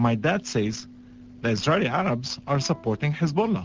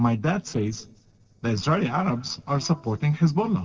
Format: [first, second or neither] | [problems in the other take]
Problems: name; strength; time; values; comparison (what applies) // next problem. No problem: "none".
first | noise reduction (neural separator model SepFormer DNS4)